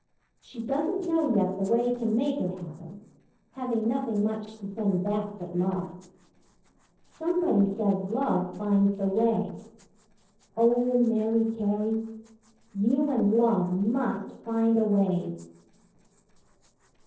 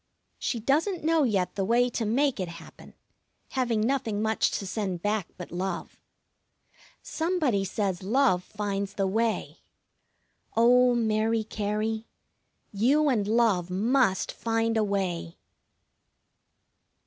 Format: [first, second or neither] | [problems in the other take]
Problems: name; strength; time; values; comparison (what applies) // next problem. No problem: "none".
second | noise reduction (neural separator model SepFormer DNS4)